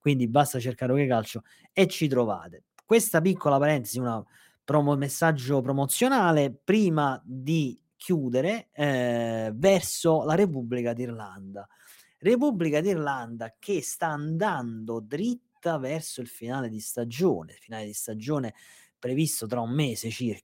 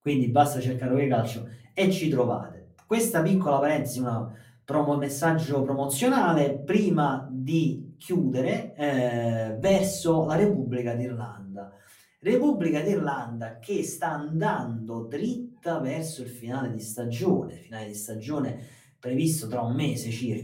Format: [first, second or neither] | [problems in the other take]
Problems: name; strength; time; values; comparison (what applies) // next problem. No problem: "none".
first | off-mic speech; far // room echo; very slight; dies away in 0.4 s